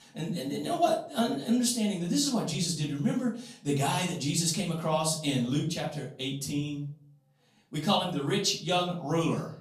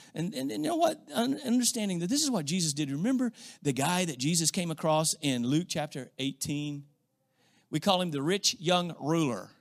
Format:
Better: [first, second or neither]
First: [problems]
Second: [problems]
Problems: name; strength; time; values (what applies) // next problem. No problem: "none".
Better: second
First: off-mic speech; far // room echo; slight; dies away in 0.4 s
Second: none